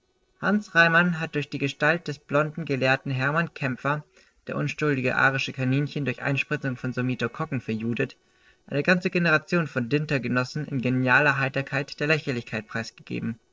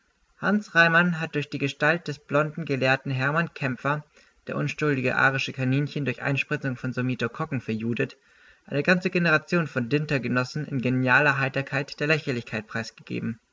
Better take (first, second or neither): second